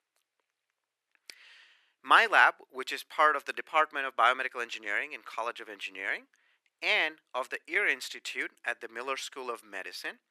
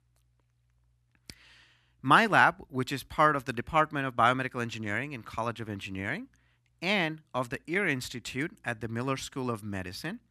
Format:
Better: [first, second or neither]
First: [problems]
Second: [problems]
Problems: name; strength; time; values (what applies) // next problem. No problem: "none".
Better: second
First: thin; very; fading below 400 Hz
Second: none